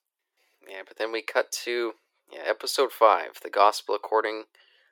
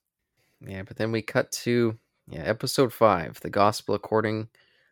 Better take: second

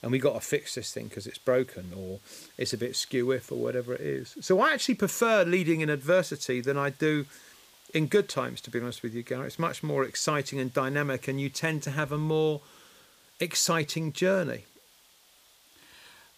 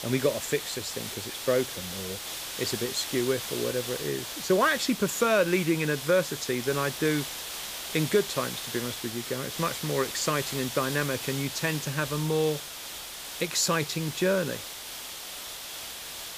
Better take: first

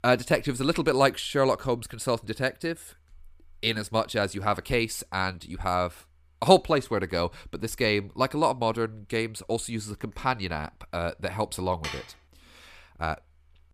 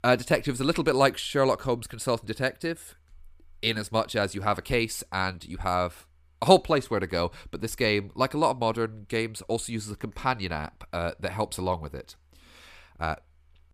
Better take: second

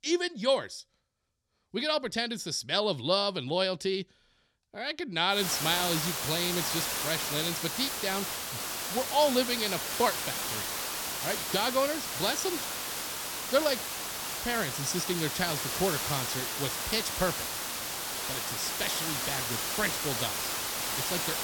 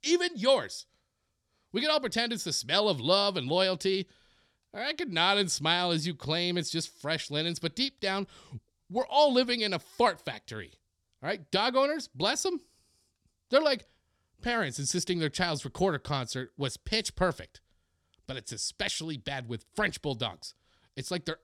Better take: second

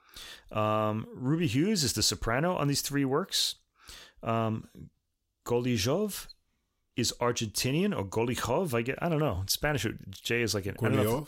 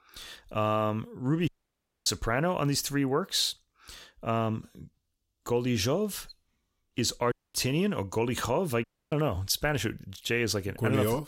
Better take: first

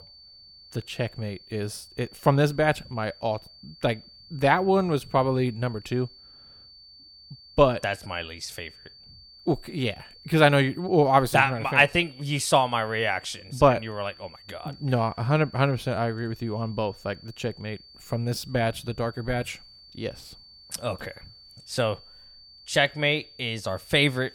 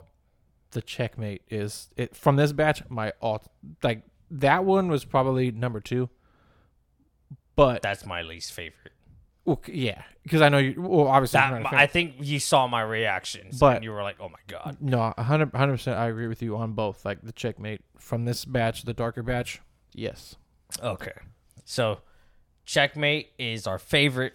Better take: second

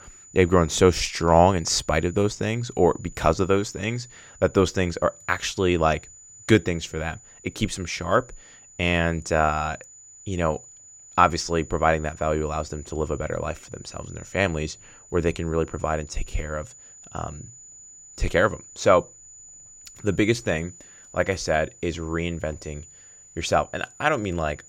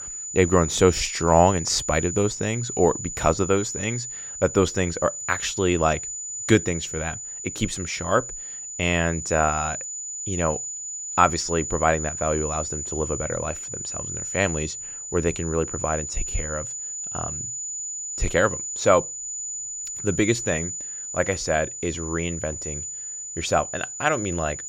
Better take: first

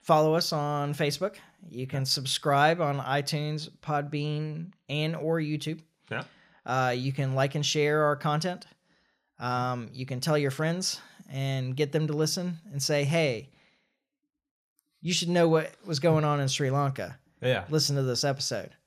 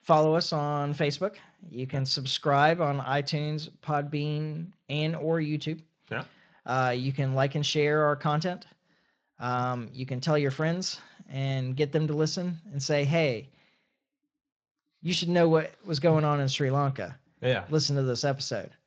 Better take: first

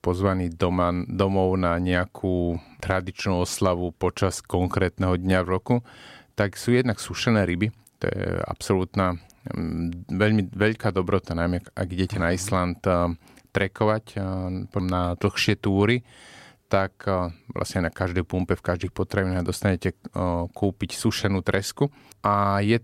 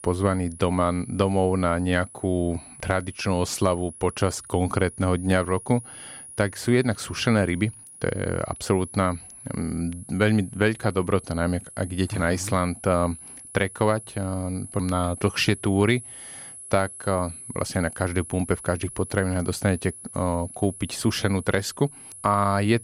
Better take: first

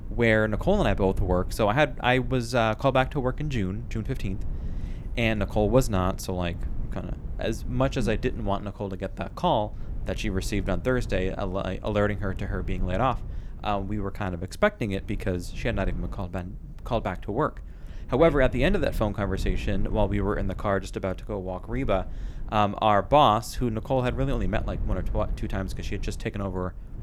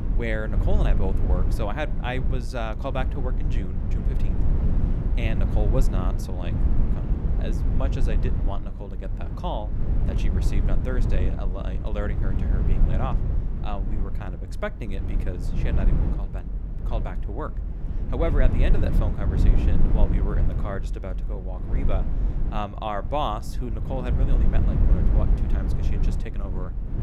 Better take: first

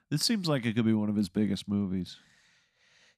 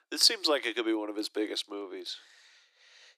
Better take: first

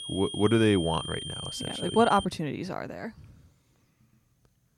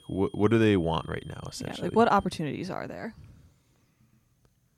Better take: second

